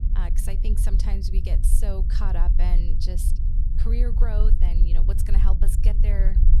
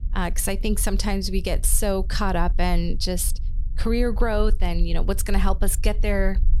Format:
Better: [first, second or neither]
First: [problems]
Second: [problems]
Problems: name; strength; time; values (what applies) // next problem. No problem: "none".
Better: second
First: low rumble; loud; throughout; 5 dB below the speech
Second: low rumble; faint; throughout; 25 dB below the speech